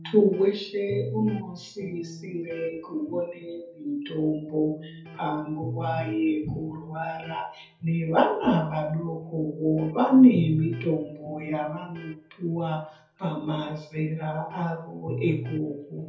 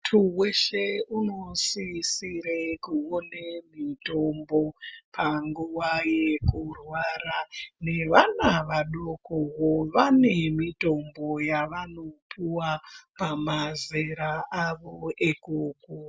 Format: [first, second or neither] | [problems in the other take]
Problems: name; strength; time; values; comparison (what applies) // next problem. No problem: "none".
second | background sound (Electric guitar); 14 dB below the speech // room echo; dies away in 0.5 s